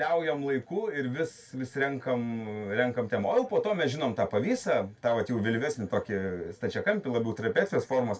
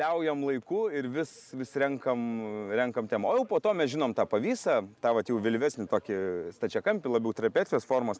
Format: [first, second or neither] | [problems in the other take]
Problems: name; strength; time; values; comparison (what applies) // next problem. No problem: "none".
second | room echo; dies away in 0.2 s